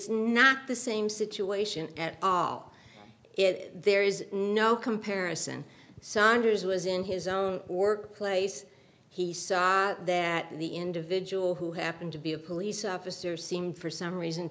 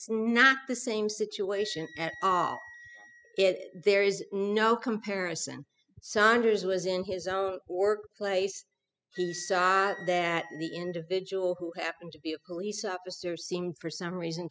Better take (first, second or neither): first